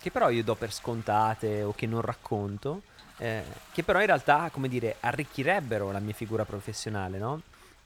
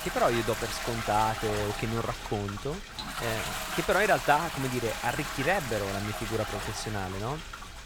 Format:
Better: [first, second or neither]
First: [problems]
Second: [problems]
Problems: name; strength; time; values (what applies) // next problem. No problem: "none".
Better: first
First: household noises; faint; throughout; 20 dB below the speech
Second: household noises; loud; throughout; 5 dB below the speech